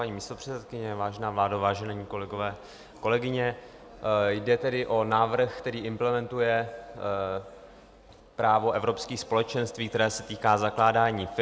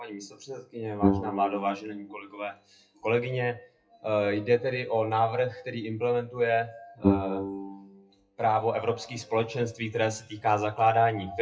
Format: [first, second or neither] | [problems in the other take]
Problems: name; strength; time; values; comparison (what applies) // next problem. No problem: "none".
first | noise reduction (classical method WPE with log-MMSE)